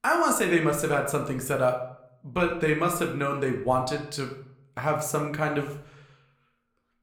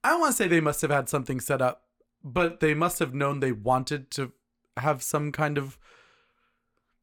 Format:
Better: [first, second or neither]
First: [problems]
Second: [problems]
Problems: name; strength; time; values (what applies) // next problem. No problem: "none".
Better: second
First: room echo; very slight; dies away in 0.5 s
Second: none